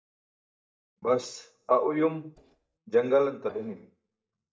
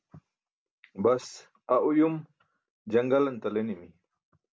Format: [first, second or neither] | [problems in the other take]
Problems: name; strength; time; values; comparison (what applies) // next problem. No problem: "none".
second | noise reduction (neural mask model DeepFilterNet 3)